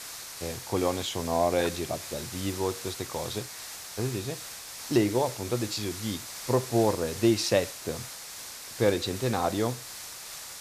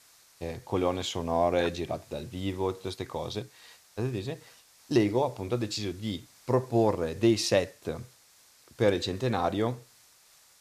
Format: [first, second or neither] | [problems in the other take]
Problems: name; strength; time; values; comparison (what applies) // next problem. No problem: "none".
second | hiss; loud; throughout; 9 dB below the speech; faint in the second